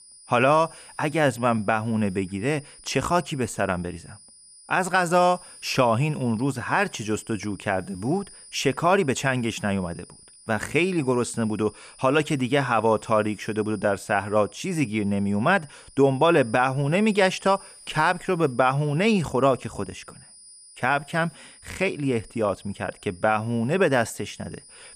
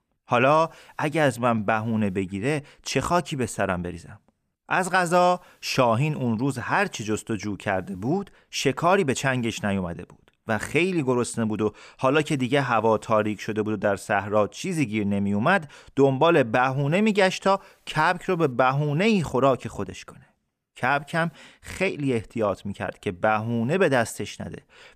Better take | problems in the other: second | high-pitched whine; faint; throughout; 9.5 kHz, 20 dB below the speech

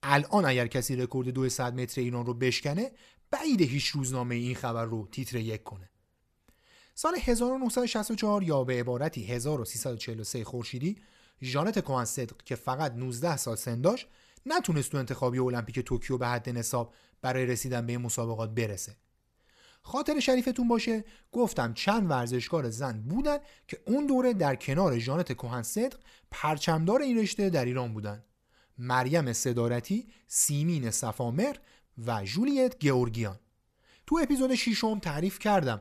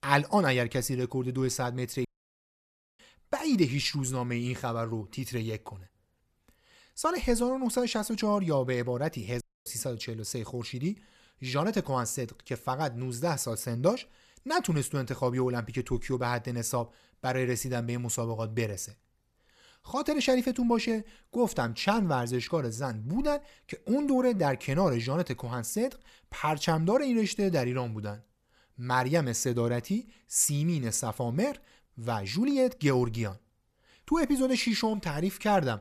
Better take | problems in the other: first | audio cutting out; at 2 s for 1 s and at 9.5 s

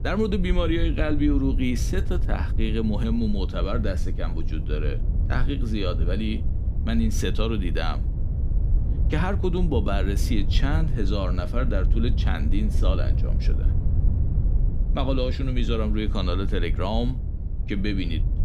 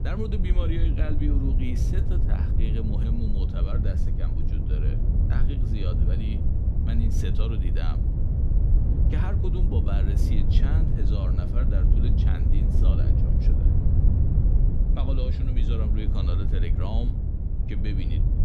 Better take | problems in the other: first | wind noise on the microphone; heavy; as loud as the speech; occasional gusts in the first

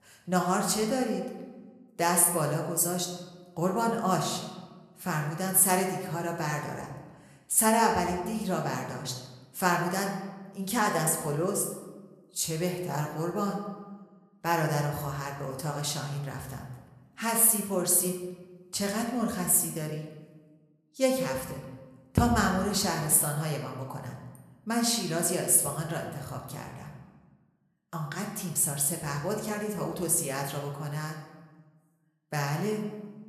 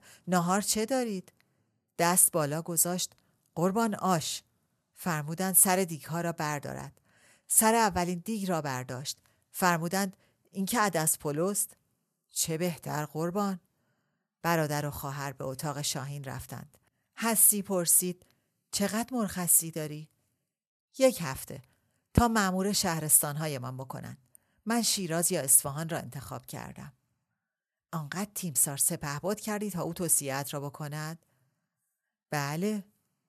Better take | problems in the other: second | room echo; slight; dies away in 1 s

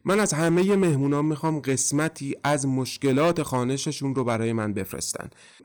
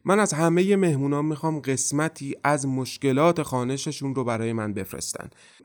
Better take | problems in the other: second | distortion; slight; 5% of the sound clipped

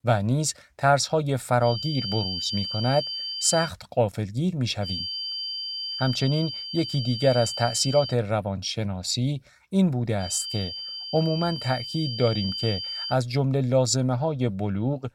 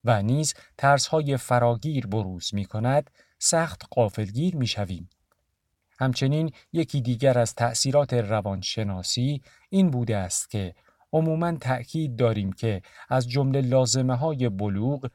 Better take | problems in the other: second | high-pitched whine; loud; from 1.5 to 3.5 s, from 5 to 8 s and from 10 to 13 s; 4.5 kHz, 5 dB below the speech

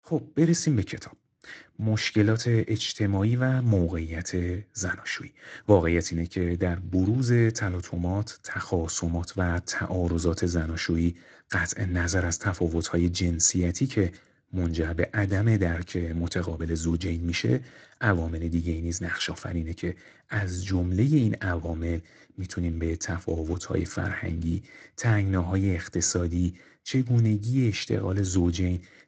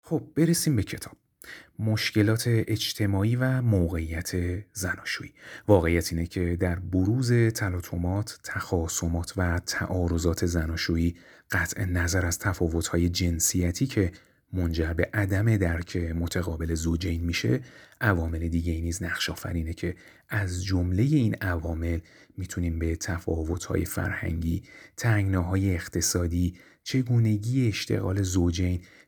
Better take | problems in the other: second | garbled, watery; slightly; nothing above 7.5 kHz

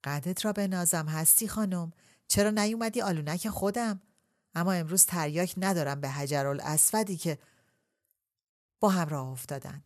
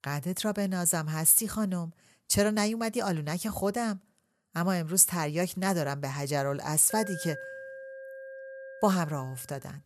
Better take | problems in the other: first | alarm; faint; from 7 s on; peak 10 dB below the speech

